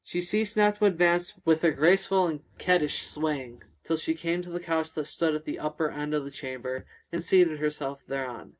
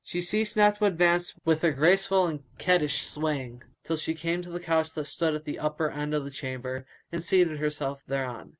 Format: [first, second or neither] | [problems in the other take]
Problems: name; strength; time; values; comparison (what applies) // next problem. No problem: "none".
second | room echo; dies away in 0.3 s